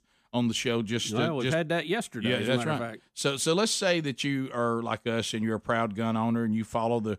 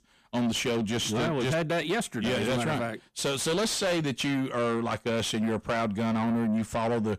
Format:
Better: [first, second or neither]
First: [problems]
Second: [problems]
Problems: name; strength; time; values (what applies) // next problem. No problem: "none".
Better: first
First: none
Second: distortion; heavy; 8 dB below the speech